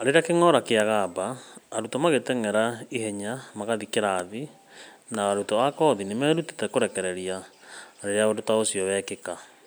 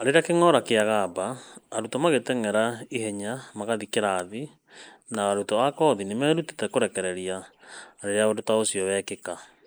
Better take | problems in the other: first | noise reduction (neural mask model Resemble Enhance denoiser)

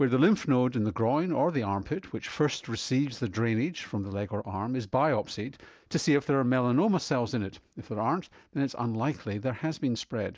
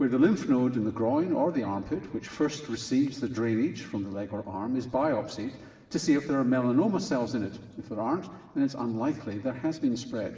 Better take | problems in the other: first | room echo; dies away in 1.6 s

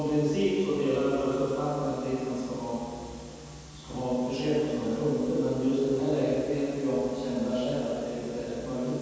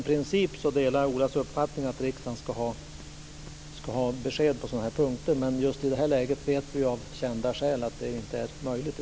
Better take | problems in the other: second | room echo; dies away in 2.1 s

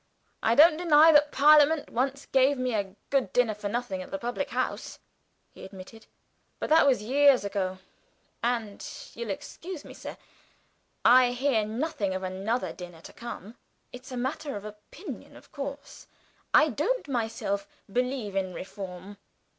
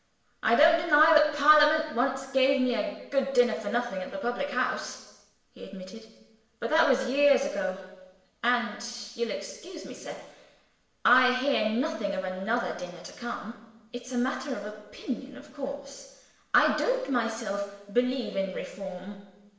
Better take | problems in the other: first | room echo; dies away in 0.9 s

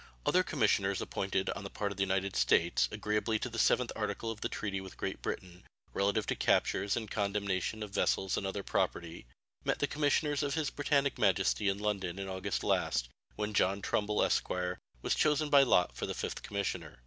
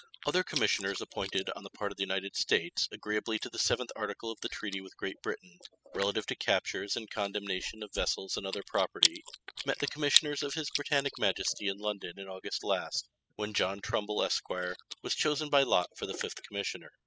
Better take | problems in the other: first | noise reduction (classical method spectral subtraction)

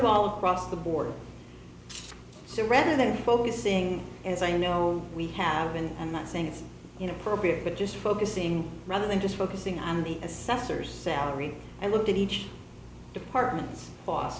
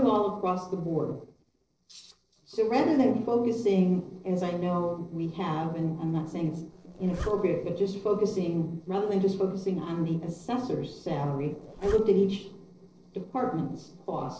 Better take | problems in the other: first | noise reduction (neural separator model SepFormer DNS4)

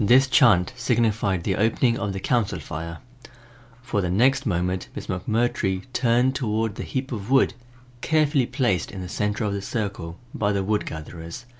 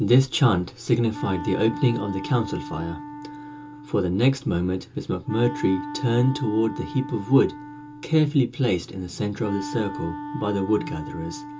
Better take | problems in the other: first | background sound (Wind instrument, woodwind instrument); 12 dB below the speech // room echo; dies away in 0.2 s

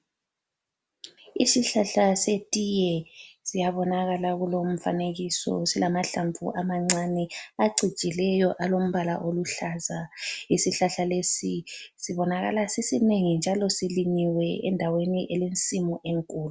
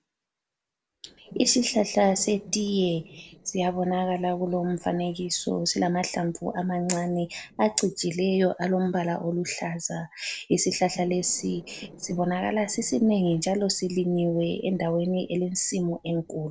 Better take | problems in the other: first | noise reduction (neural separator model SepFormer DNS4)

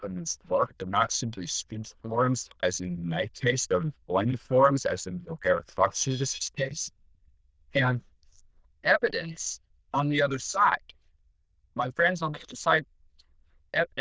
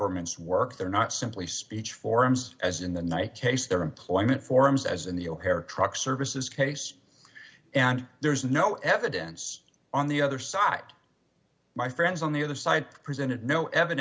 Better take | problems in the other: second | noise reduction (neural diffusion model UNIVERSE++)

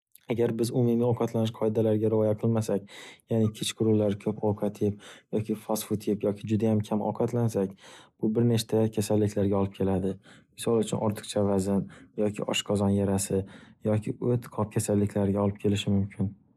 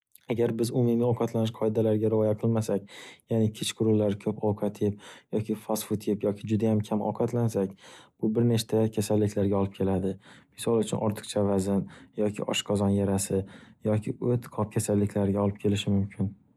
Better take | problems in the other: second | noise reduction (neural mask model Resemble Enhance denoiser)

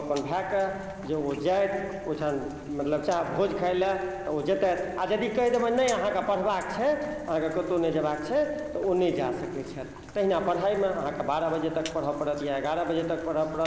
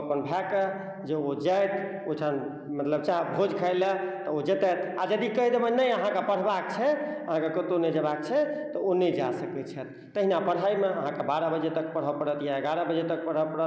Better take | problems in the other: second | background sound (Rain); 18 dB below the speech

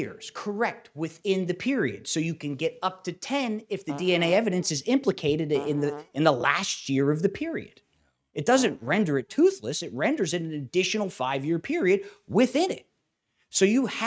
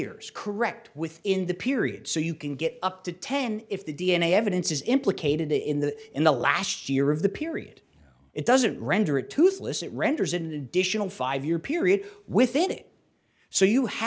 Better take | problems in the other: second | noise reduction (neural mask model RNNoise)

